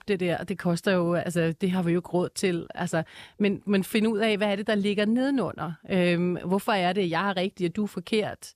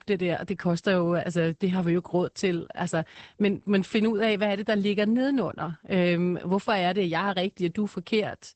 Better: first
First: none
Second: garbled, watery; badly; nothing above 8 kHz

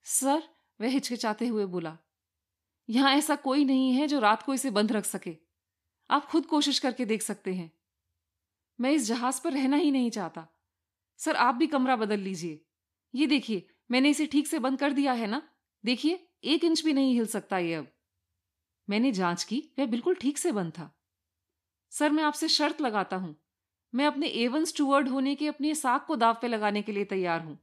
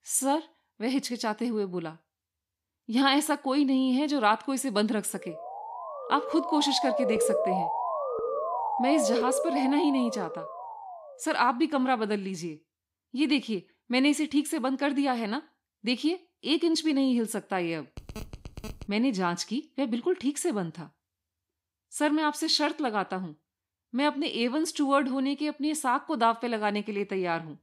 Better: first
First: none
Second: siren; loud; from 5.5 to 11 s; peak 1 dB above the speech // phone ringing; faint; at 18 s; peak 15 dB below the speech

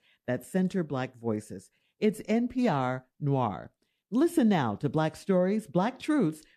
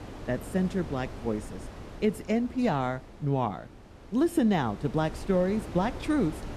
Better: first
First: none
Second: wind noise on the microphone; occasional gusts; 15 dB below the speech

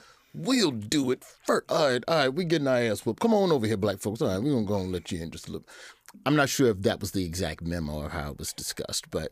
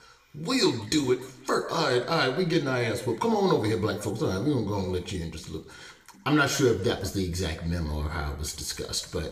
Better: first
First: none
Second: room echo; slight; dies away in 0.7 s

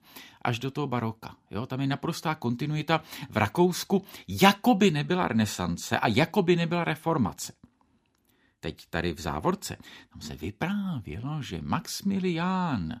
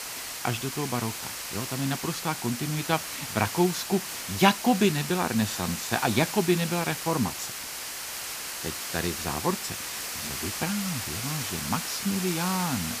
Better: first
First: none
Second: hiss; loud; throughout; 4 dB below the speech

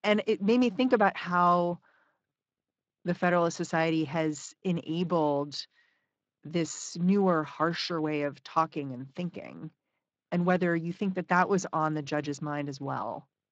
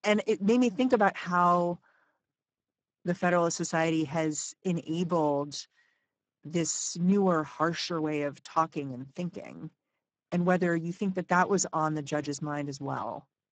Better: first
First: garbled, watery; slightly; nothing above 7.5 kHz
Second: garbled, watery; badly; nothing above 7.5 kHz

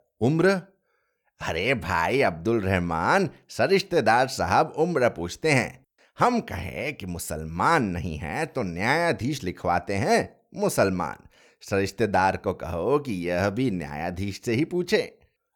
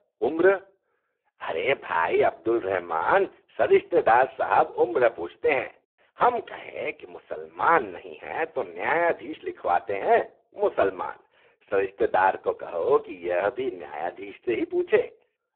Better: first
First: none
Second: phone-call audio; poor line

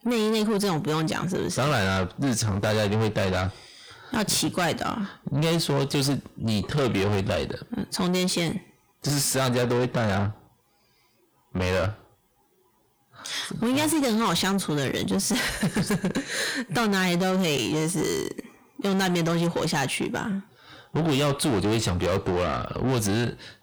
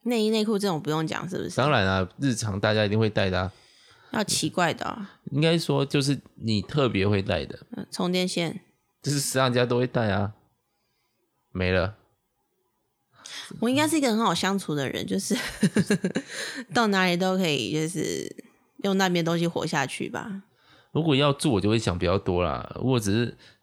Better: second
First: distortion; heavy; 6 dB below the speech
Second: none

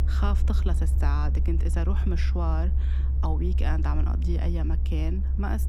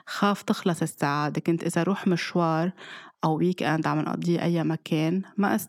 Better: second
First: low rumble; loud; throughout; 8 dB below the speech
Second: none

